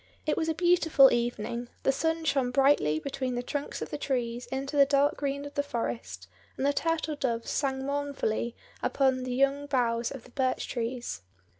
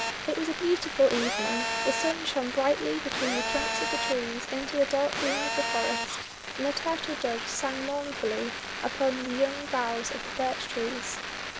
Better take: first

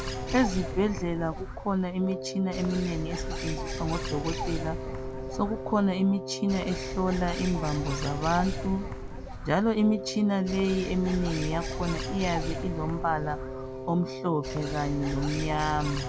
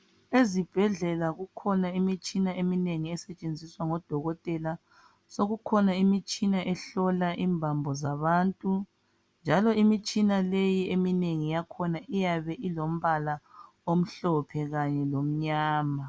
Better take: second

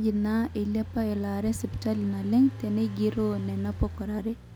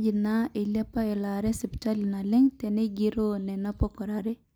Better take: second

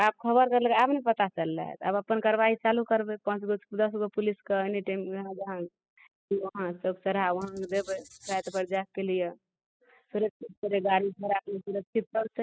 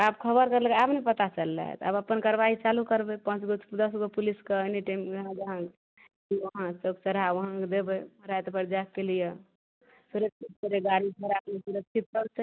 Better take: second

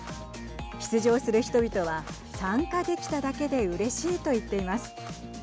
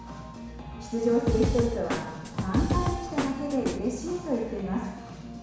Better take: first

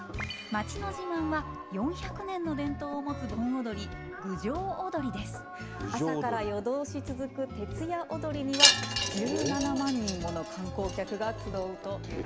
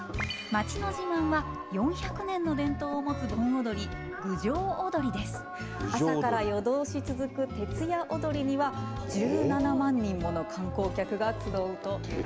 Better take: second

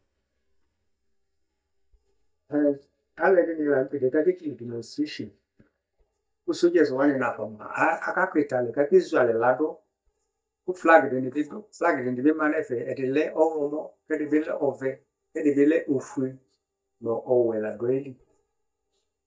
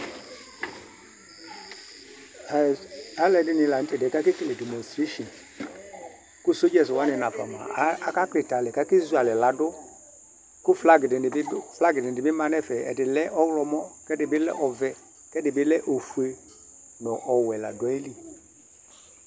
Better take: second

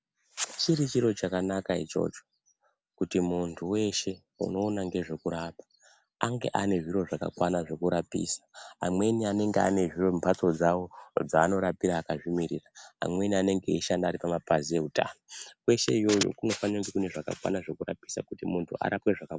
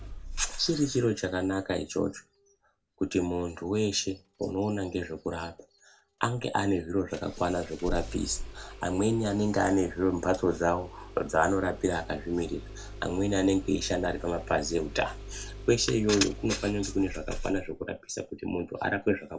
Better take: first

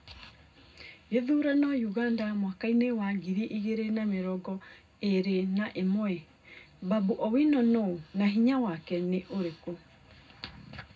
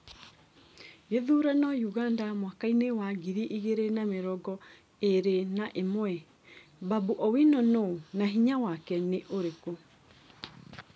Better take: second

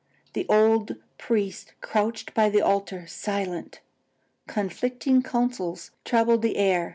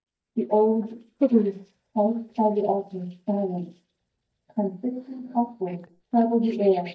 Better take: first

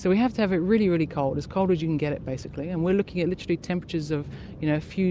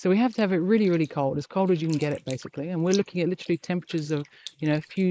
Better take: first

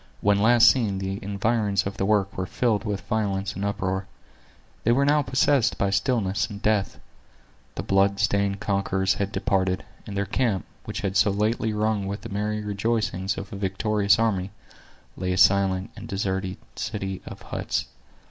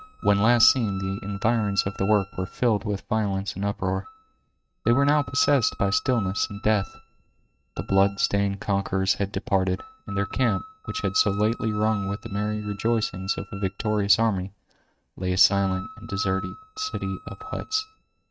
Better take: first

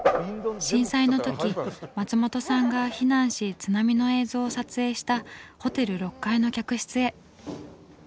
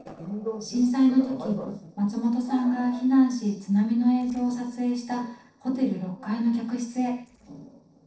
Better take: first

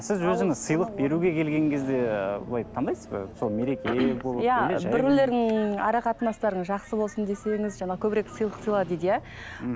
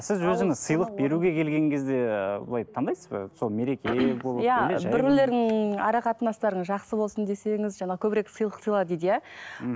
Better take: second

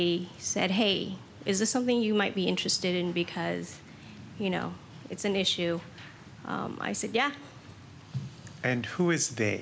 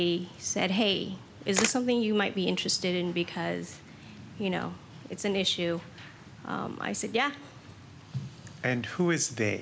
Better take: first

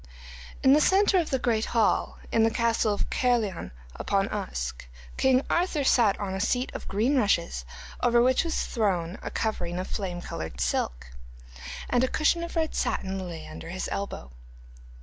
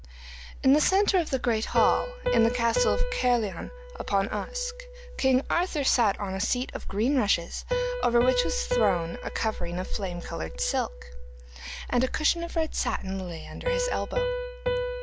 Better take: first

